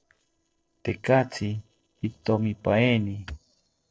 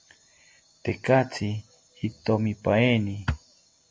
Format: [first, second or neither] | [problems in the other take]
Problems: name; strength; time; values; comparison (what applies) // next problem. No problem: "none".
second | noise reduction (neural separator model SepFormer DNS4)